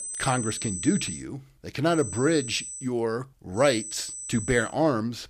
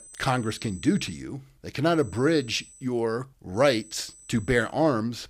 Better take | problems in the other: second | high-pitched whine; loud; until 1 s, at 2 s and from 3.5 to 4.5 s; 8 kHz, 8 dB below the speech; faint in the second

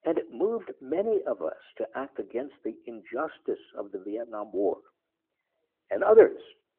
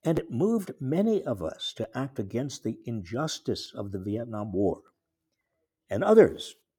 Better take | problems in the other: second | phone-call audio

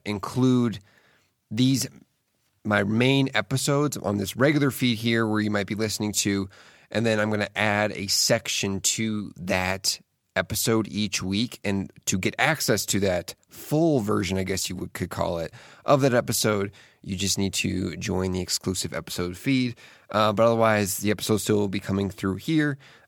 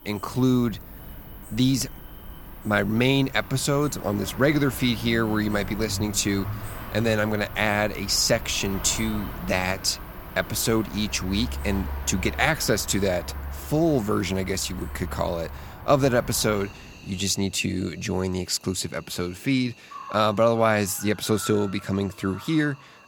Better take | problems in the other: first | animal sounds; noticeable; throughout; 15 dB below the speech

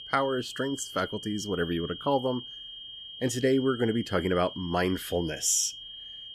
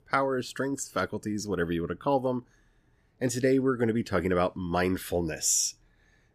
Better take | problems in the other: second | high-pitched whine; noticeable; throughout; 3 kHz, 10 dB below the speech

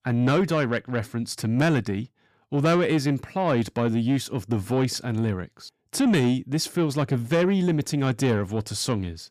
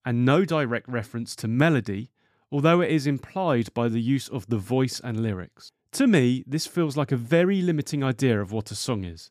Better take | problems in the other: second | distortion; slight; 10 dB below the speech

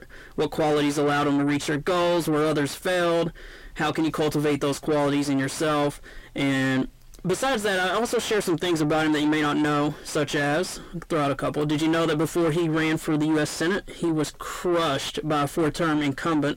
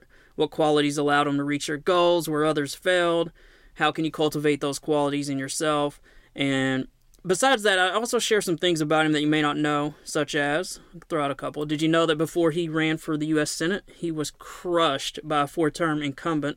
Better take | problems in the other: second | distortion; heavy; 6 dB below the speech

